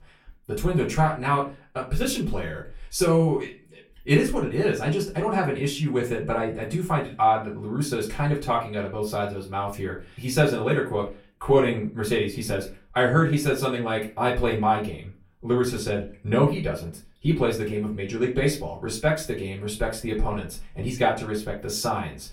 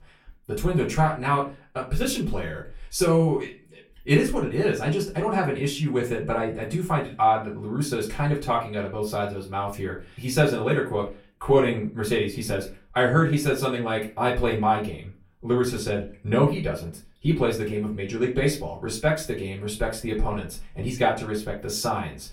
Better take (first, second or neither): neither